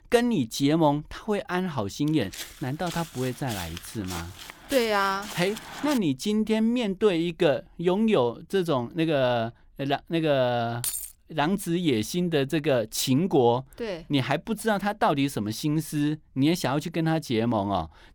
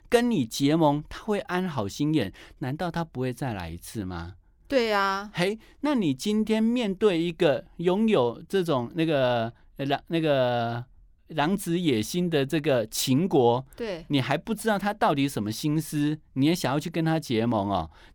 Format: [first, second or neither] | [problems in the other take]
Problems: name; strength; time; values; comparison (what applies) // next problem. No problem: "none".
second | footsteps; faint; from 2 to 6 s; peak 10 dB below the speech // jangling keys; noticeable; at 11 s; peak 4 dB below the speech